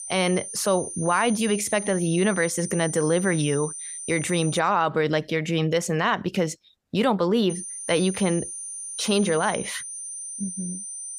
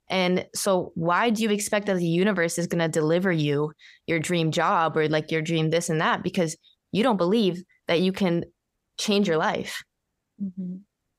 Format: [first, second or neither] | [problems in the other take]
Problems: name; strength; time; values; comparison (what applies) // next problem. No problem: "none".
second | high-pitched whine; loud; until 4.5 s and from 7.5 s on; 9 kHz, 8 dB below the speech